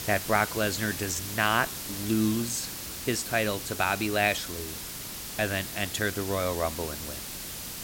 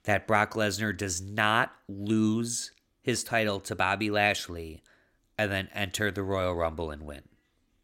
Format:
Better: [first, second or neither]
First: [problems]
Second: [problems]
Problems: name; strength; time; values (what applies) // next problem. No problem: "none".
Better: second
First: hiss; loud; throughout; 6 dB below the speech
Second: none